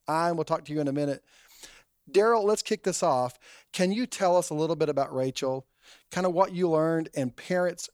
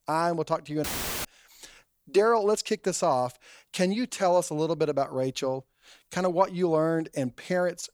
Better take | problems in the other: first | audio cutting out; filled with static; at 1 s

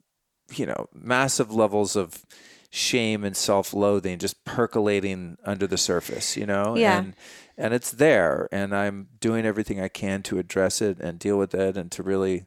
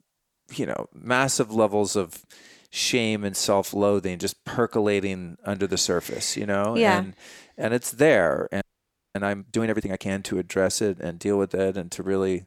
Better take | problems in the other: first | audio freezing; at 8.5 s for 0.5 s

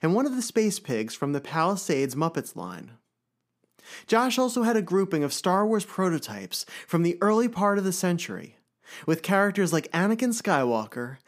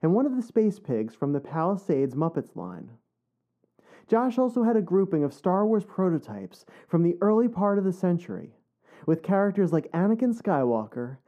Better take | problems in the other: first | muffled; very; fading above 1.5 kHz

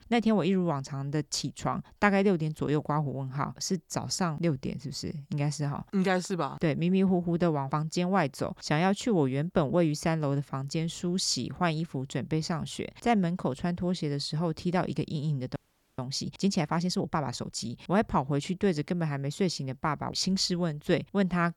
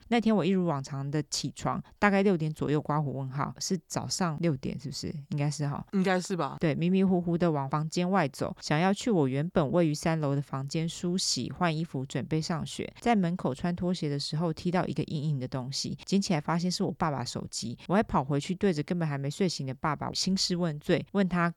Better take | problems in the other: second | audio freezing; at 16 s

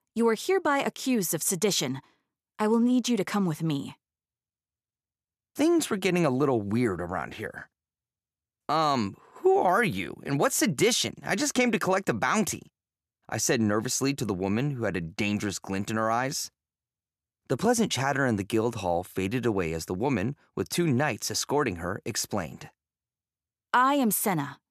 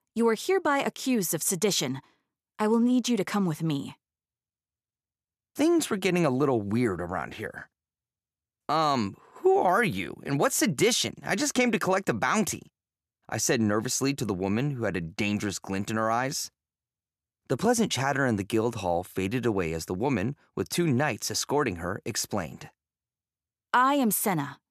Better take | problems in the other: neither | none

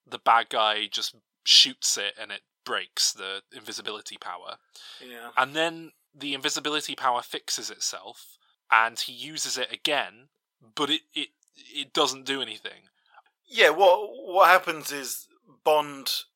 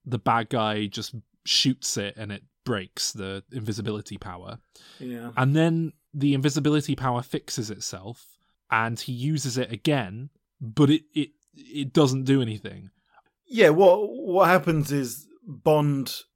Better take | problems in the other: second | thin; very; fading below 800 Hz

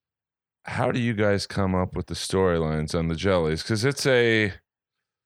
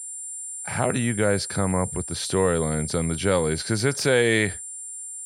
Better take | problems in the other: first | high-pitched whine; loud; throughout; 9 kHz, 8 dB below the speech

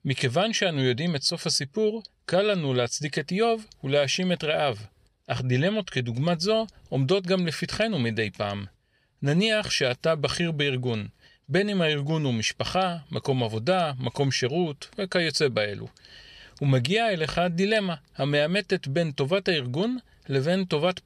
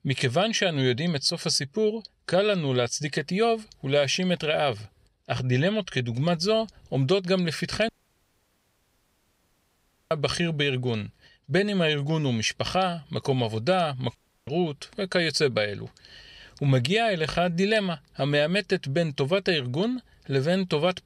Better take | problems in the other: first | audio cutting out; at 8 s for 2 s and at 14 s

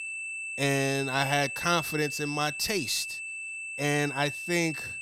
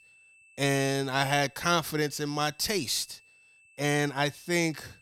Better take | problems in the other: second | high-pitched whine; loud; throughout; 2.5 kHz, 6 dB below the speech; faint in the second

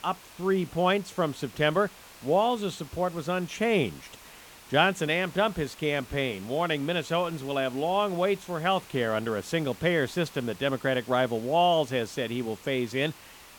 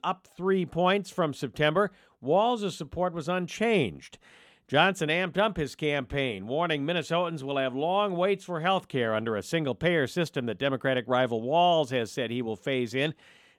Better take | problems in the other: second | hiss; faint; throughout; 20 dB below the speech

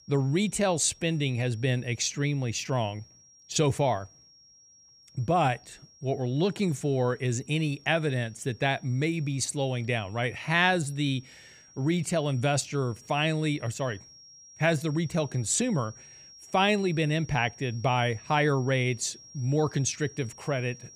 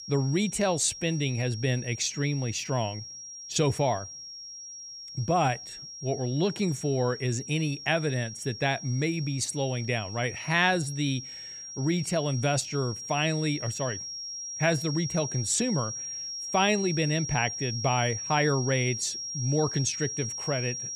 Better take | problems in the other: first | high-pitched whine; loud; throughout; 5.5 kHz, 8 dB below the speech; faint in the first

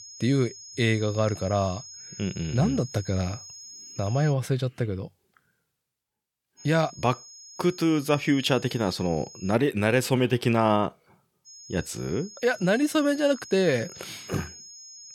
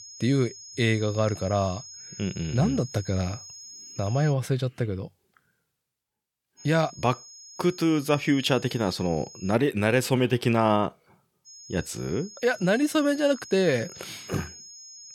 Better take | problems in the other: neither | high-pitched whine; noticeable; until 4.5 s, from 6.5 to 9.5 s and from 11 s on; 6.5 kHz, 15 dB below the speech; the same in both

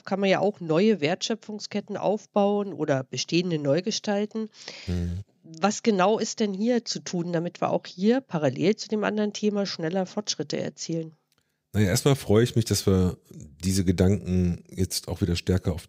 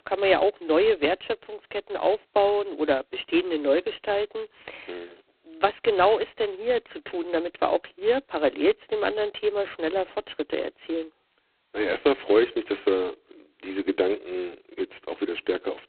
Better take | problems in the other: first | phone-call audio; poor line; nothing above 4 kHz

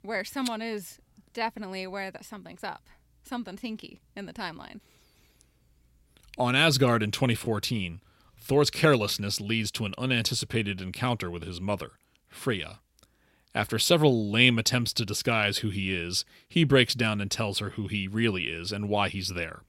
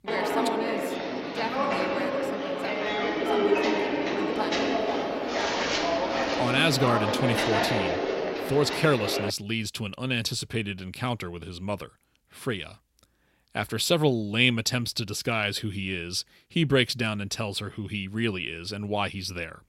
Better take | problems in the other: first | footsteps; loud; until 9.5 s; peak 5 dB above the speech

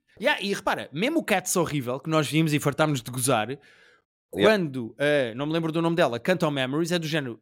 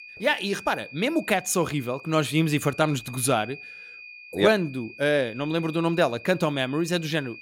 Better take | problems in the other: first | high-pitched whine; noticeable; throughout; 2.5 kHz, 15 dB below the speech

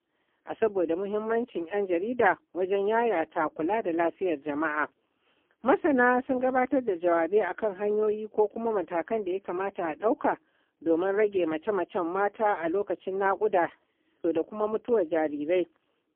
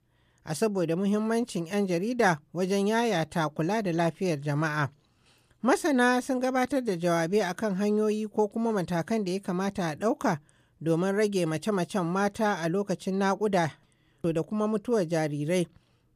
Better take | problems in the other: second | phone-call audio; poor line; nothing above 3 kHz

